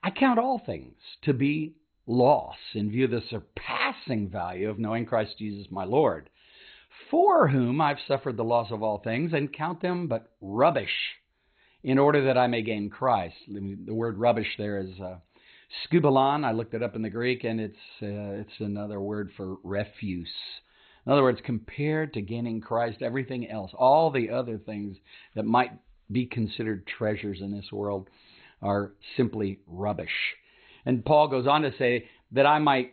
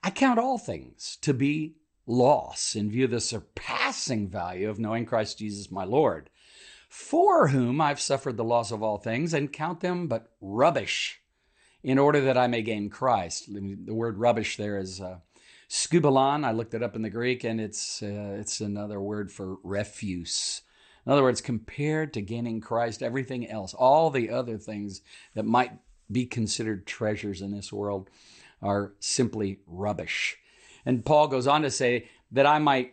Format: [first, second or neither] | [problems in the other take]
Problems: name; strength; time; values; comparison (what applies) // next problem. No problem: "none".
second | garbled, watery; badly; nothing above 4 kHz; slightly in the second